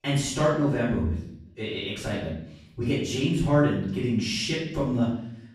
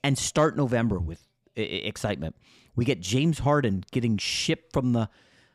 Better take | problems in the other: second | off-mic speech; far // room echo; noticeable; dies away in 0.6 s

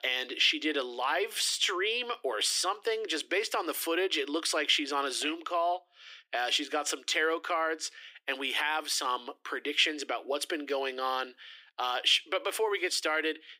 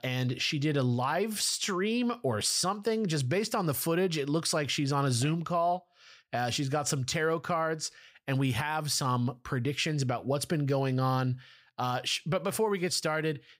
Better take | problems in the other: second | thin; very; fading below 300 Hz

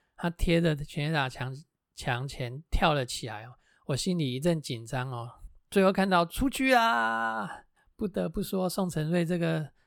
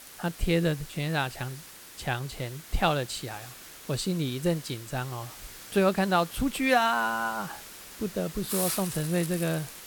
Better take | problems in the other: first | hiss; noticeable; throughout; 10 dB below the speech

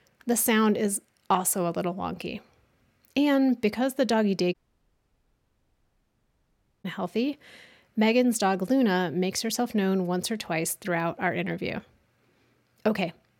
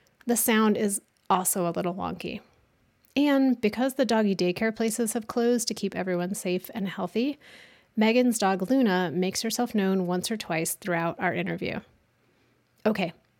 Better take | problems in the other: second | audio cutting out; at 4.5 s for 2.5 s

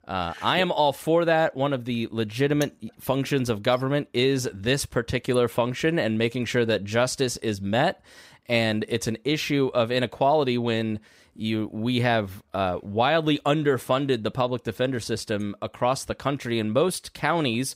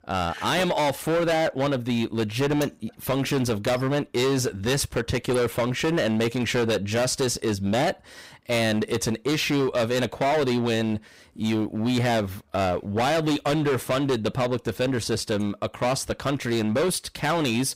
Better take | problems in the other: first | distortion; heavy; 19% of the sound clipped

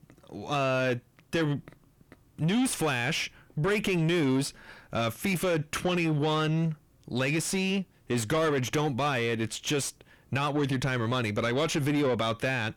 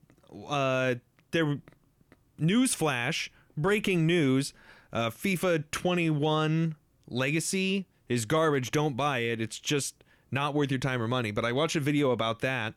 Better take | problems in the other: second | distortion; slight; 10 dB below the speech

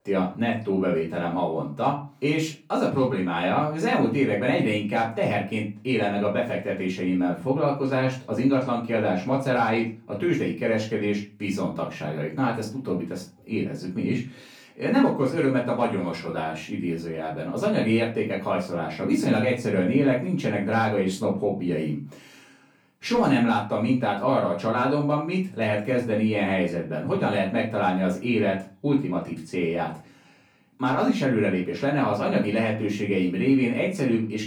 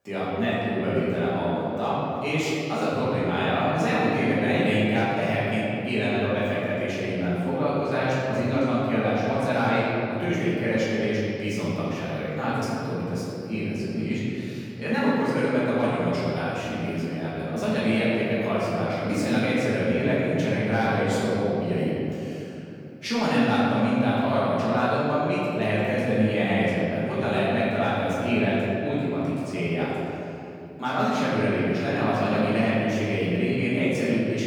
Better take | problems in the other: first | room echo; strong; dies away in 2.8 s; slight in the first // off-mic speech; far; far in the first

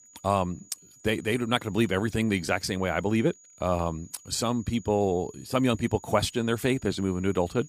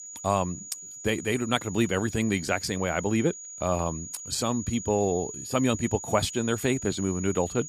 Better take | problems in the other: first | high-pitched whine; loud; throughout; 7 kHz, 10 dB below the speech; faint in the first

